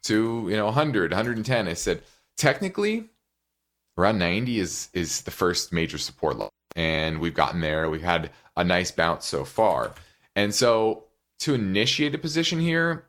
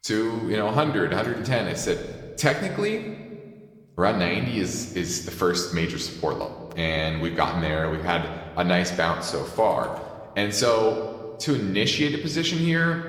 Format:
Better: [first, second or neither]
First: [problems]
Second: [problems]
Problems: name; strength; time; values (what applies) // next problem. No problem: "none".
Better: first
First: none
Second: room echo; slight; dies away in 1.2 s